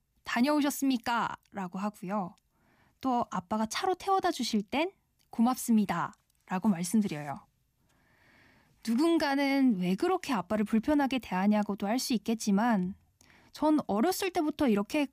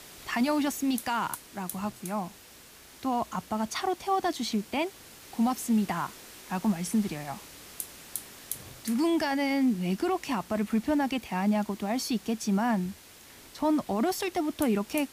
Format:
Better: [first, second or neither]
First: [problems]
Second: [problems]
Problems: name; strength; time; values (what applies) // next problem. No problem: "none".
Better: first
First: none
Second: hiss; noticeable; throughout; 15 dB below the speech